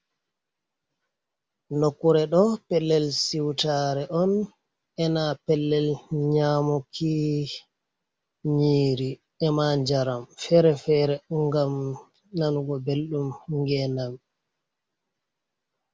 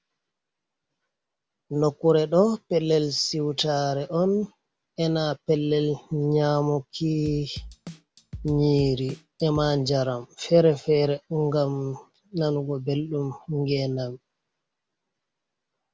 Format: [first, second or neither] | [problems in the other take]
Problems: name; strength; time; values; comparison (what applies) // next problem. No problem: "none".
first | background sound (Drum / Drum kit); 15 dB below the speech